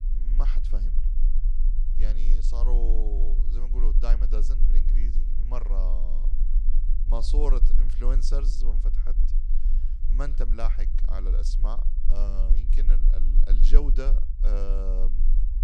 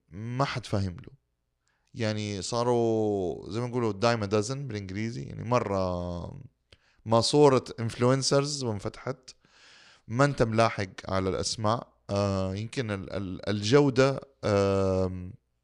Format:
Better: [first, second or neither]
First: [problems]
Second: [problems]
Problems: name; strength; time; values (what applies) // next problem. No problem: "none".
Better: second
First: low rumble; noticeable; throughout; 10 dB below the speech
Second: none